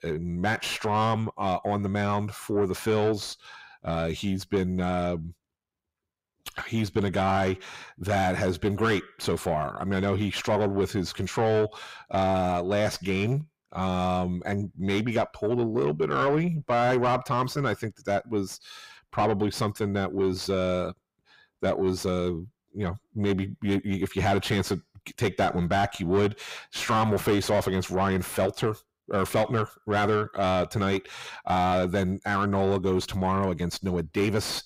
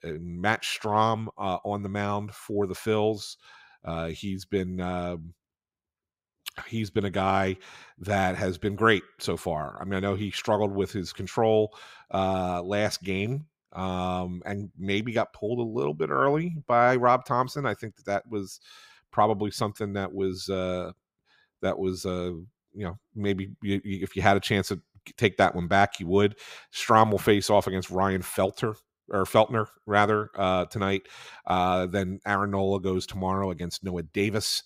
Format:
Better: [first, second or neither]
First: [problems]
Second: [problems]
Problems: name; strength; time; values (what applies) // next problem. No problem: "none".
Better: second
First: distortion; heavy; 6 dB below the speech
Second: none